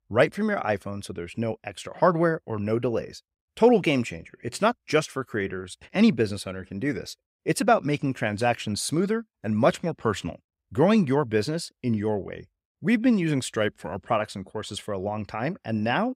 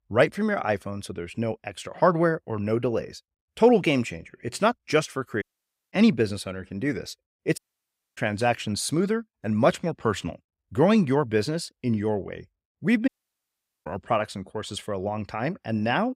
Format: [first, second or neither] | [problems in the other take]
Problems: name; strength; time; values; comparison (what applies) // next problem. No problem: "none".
first | audio cutting out; at 5.5 s for 0.5 s, at 7.5 s for 0.5 s and at 13 s for 1 s